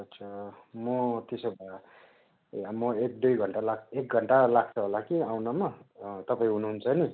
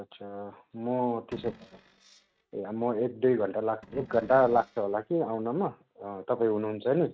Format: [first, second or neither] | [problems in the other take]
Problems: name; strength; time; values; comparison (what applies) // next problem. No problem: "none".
first | noise reduction (neural mask model RNNoise)